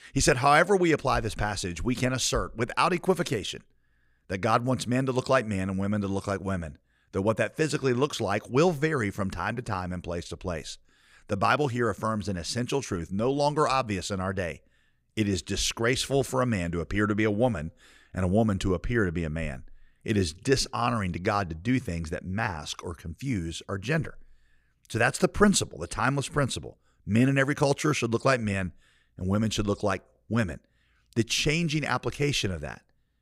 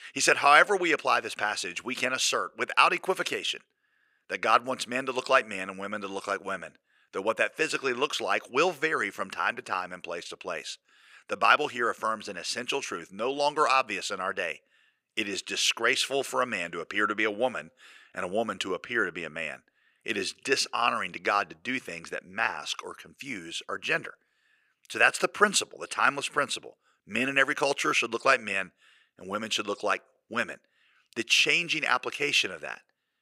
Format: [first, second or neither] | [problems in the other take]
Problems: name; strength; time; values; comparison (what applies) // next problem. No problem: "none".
first | thin; somewhat; fading below 400 Hz